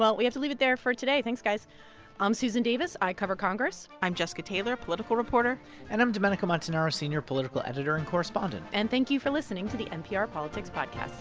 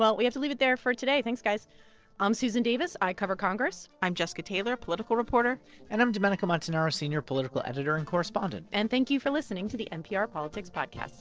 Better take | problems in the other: first | noise reduction (neural separator model SepFormer DNS4)

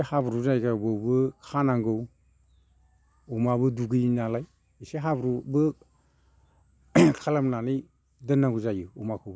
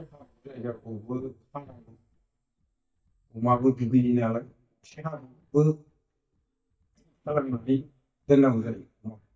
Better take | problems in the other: first | noise reduction (neural mask model DeepFilterNet 3)

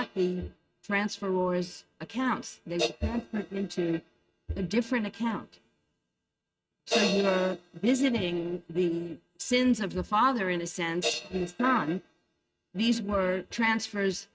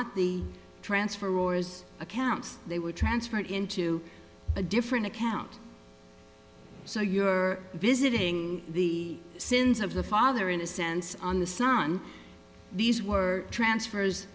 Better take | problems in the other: second | noise reduction (neural mask model RNNoise)

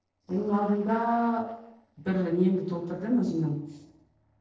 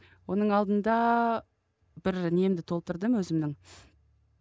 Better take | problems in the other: second | noise reduction (neural separator model SepFormer DNS4)

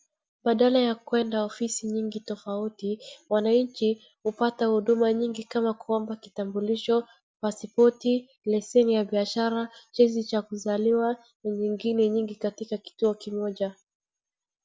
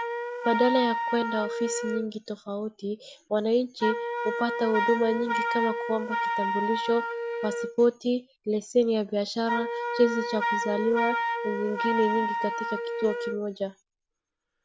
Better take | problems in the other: first | background sound (Wind instrument, woodwind instrument); 3 dB below the speech

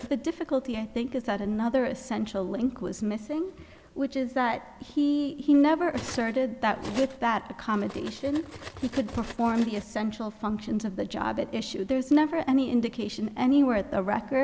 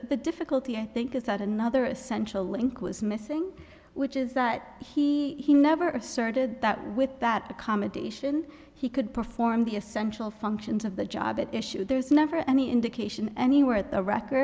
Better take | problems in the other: second | background sound (Cutlery, silverware); 20 dB below the speech

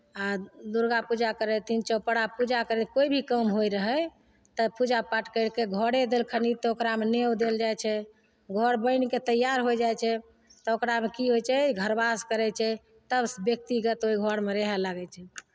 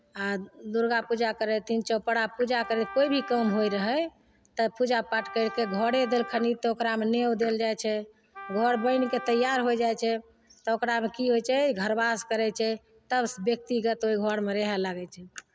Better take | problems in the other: first | background sound (Wind instrument, woodwind instrument); 15 dB below the speech

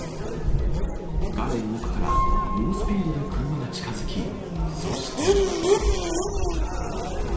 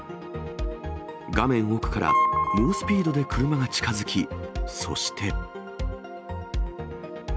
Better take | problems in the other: second | background sound (Race car, auto racing / Accelerating, revving, vroom); 4 dB above the speech // room echo; dies away in 0.4 s

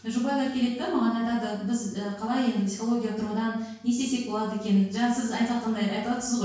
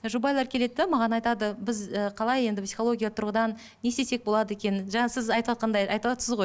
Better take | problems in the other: second | room echo; dies away in 0.6 s

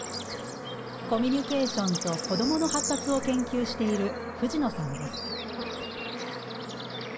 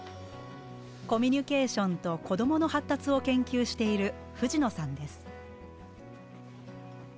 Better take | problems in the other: second | background sound (Bird / Insect / Frog); 5 dB below the speech // room echo; dies away in 0.3 s

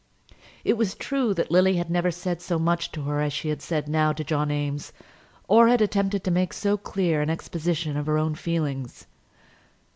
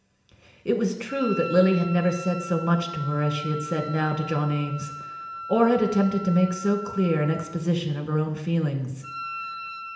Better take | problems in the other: first | background sound (Wind instrument, woodwind instrument); 12 dB below the speech // room echo; dies away in 0.8 s

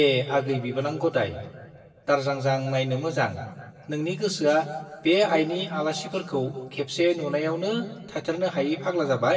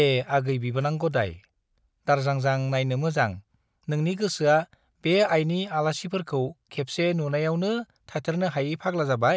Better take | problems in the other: second | room echo; dies away in 1.3 s

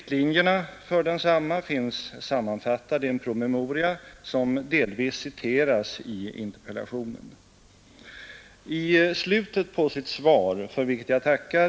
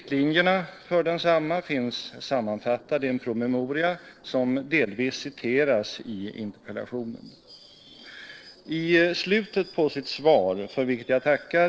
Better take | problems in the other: first | noise reduction (neural separator model SepFormer DNS4)

